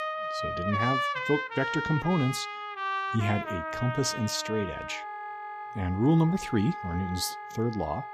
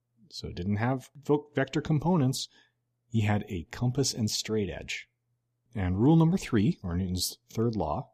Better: second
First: background music; loud; throughout; 4 dB below the speech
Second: none

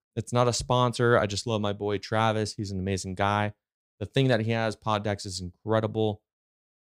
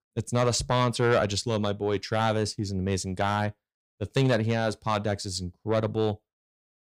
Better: first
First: none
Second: distortion; slight; 10 dB below the speech

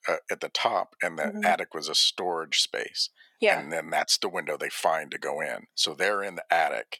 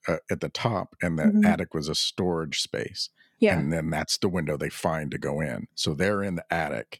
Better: second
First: thin; very; fading below 600 Hz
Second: none

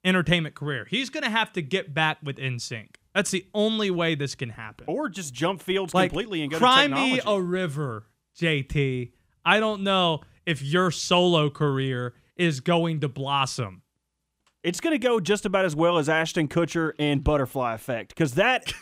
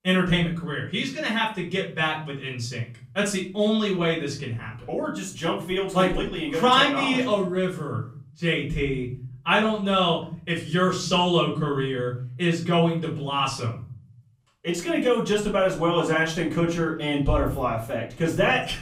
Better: first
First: none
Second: room echo; slight; dies away in 0.5 s // off-mic speech; far

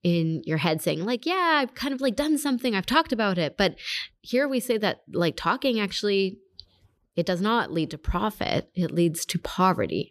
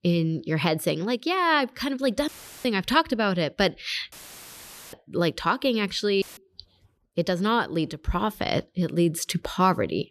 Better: first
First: none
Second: audio cutting out; filled with static; at 2.5 s, at 4 s for 1 s and at 6 s

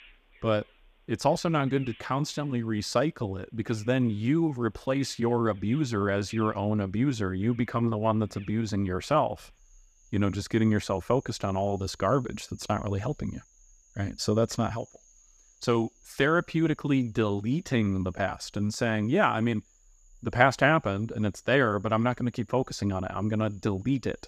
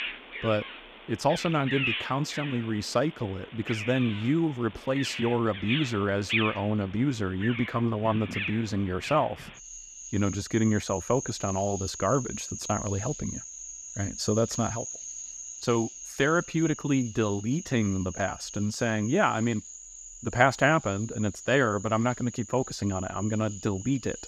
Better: first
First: animal sounds; faint; throughout; 30 dB below the speech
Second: animal sounds; loud; throughout; 9 dB below the speech

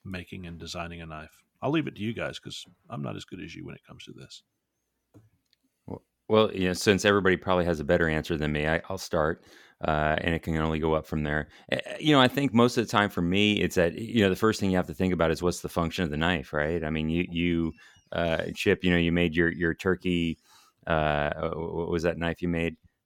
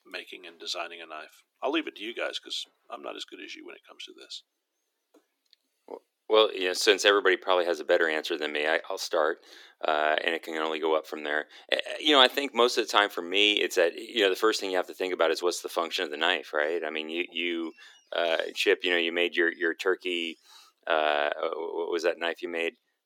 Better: first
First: none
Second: thin; very; fading below 350 Hz

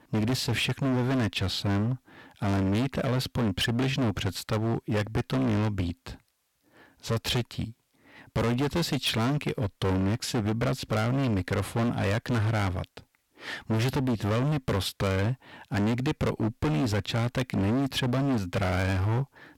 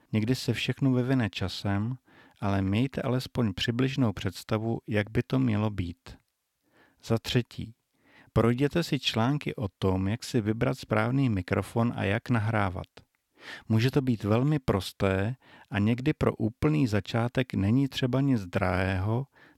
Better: second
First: distortion; heavy; 24% of the sound clipped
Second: none

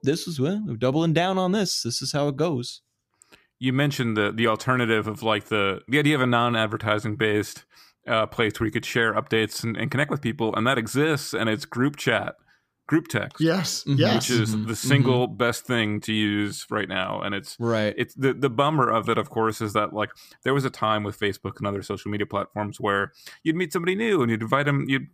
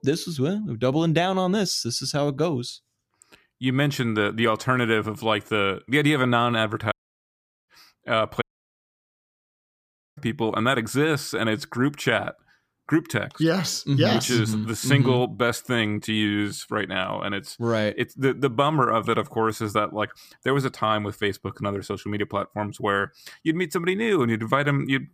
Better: first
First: none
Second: audio cutting out; at 7 s for 1 s and at 8.5 s for 2 s

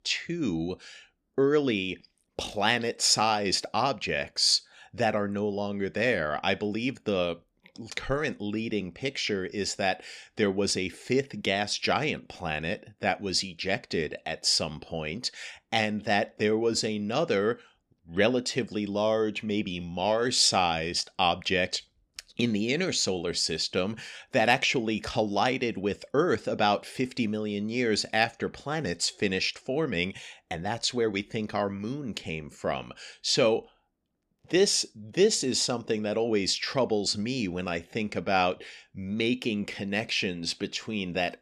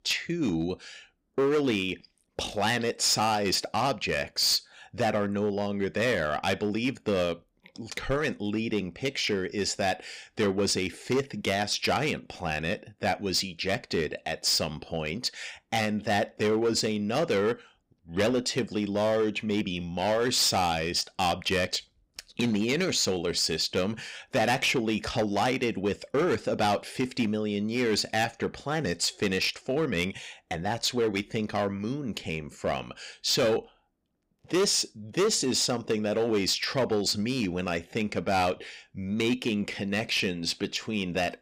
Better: first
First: none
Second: distortion; slight; 6% of the sound clipped

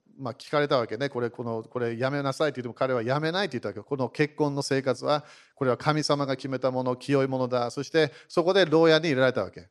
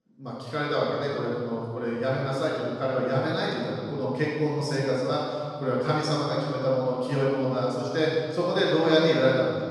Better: first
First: none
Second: room echo; strong; dies away in 2 s // off-mic speech; far

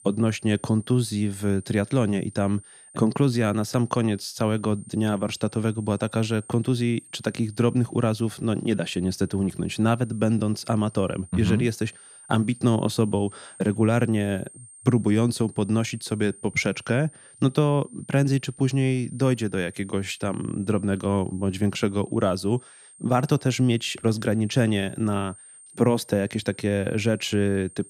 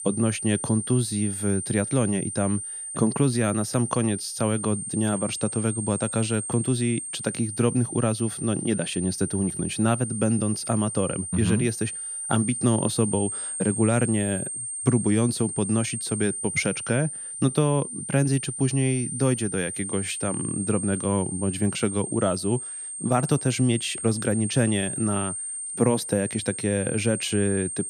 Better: first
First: high-pitched whine; faint; throughout; 8.5 kHz, 20 dB below the speech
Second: high-pitched whine; loud; throughout; 8.5 kHz, 5 dB below the speech

